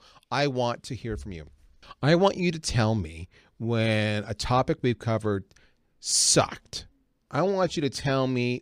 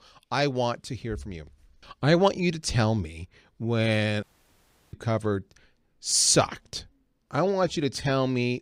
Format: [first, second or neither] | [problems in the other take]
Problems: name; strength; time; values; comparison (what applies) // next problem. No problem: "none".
first | audio cutting out; at 4 s for 0.5 s